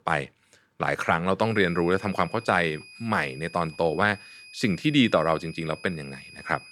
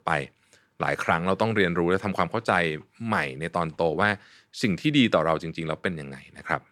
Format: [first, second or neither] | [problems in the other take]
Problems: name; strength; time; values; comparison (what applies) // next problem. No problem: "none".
second | high-pitched whine; noticeable; from 1.5 s on; 2.5 kHz, 20 dB below the speech